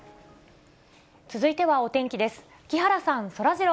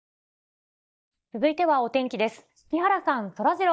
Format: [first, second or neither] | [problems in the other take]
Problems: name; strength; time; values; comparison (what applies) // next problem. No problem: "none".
first | noise reduction (neural mask model DeepFilterNet 3)